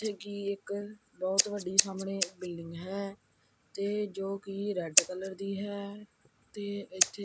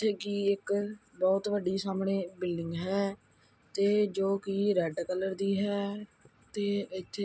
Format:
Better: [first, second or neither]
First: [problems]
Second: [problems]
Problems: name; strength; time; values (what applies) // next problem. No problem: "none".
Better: second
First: background sound (Scissors); 1 dB above the speech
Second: none